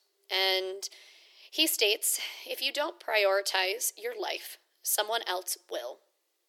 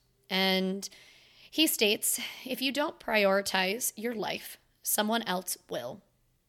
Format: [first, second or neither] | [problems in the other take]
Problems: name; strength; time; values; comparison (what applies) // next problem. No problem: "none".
second | thin; very; fading below 350 Hz